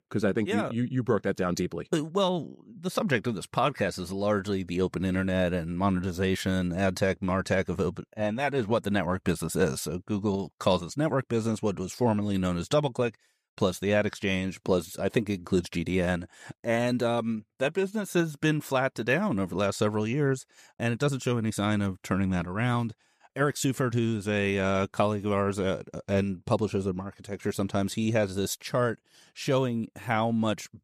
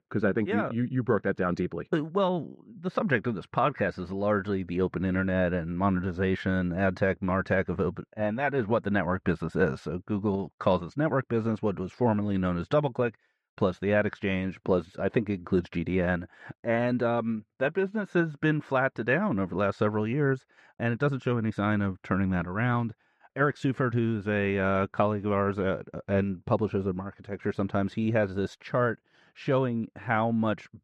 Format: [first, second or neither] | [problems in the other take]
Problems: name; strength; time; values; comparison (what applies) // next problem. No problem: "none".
first | muffled; very; fading above 2.5 kHz